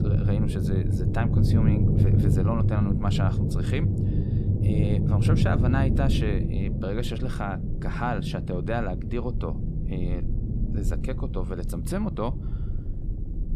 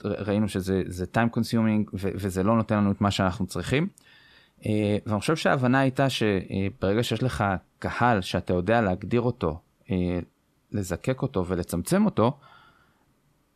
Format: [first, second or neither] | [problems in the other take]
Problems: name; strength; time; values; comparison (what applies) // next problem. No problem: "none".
second | low rumble; loud; throughout; 3 dB below the speech